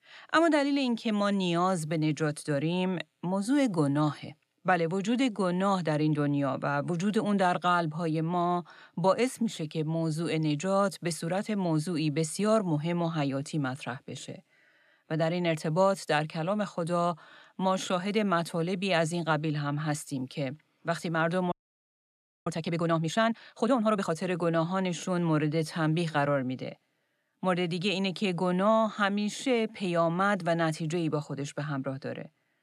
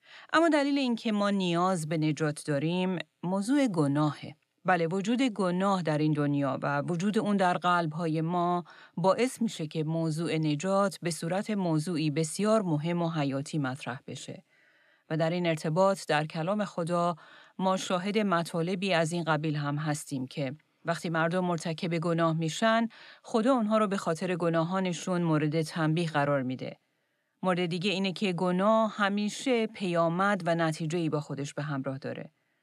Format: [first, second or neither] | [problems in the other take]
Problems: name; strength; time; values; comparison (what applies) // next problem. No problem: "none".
second | audio freezing; at 22 s for 1 s